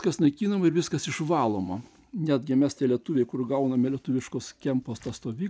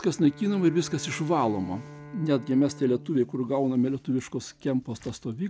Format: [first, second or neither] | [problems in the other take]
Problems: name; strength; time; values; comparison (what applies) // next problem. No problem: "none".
first | background sound (Bowed string instrument); 19 dB below the speech